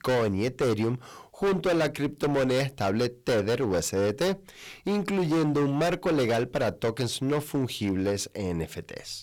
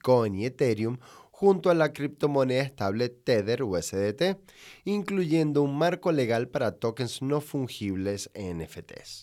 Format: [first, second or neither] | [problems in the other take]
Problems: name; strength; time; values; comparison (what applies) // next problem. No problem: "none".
second | distortion; heavy; 20% of the sound clipped